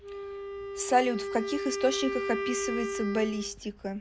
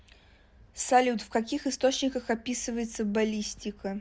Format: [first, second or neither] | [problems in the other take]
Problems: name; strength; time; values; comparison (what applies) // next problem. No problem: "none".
second | background sound (Wind instrument, woodwind instrument); 4 dB below the speech